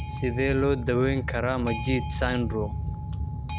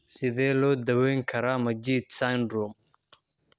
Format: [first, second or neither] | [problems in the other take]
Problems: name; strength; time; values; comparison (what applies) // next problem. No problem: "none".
second | background sound (Boat, Water vehicle); 3 dB below the speech